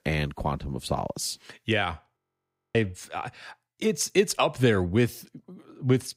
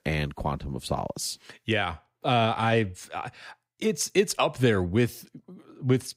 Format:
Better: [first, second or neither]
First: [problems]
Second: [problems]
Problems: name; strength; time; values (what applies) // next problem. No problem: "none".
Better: second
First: audio freezing; at 2 s for 0.5 s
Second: none